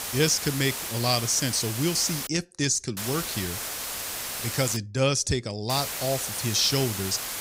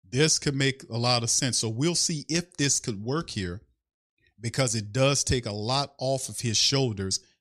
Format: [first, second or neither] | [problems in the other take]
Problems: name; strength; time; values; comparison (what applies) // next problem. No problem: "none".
second | hiss; loud; until 2.5 s, from 3 to 5 s and from 5.5 s on; 5 dB below the speech